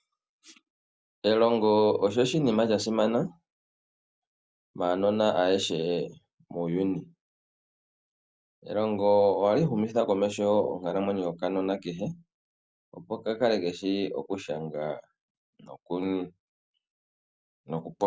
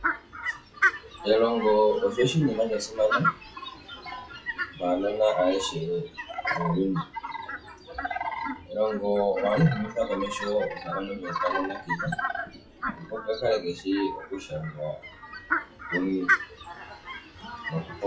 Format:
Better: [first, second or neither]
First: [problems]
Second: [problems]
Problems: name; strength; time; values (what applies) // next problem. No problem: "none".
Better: first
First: none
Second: noise reduction (classical method WPE with log-MMSE)